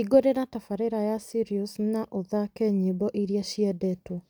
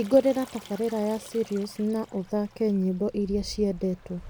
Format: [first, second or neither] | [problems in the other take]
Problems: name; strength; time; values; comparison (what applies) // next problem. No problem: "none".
first | background sound (Stream); 19 dB below the speech